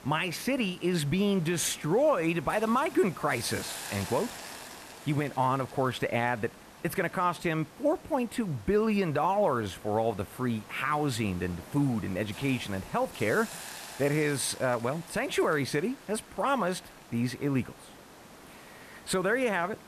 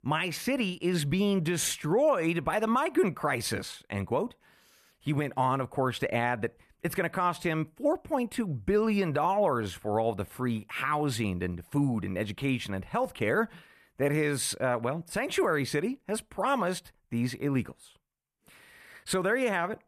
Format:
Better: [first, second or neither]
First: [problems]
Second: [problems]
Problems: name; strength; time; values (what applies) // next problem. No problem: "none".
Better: second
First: hiss; noticeable; throughout; 15 dB below the speech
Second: none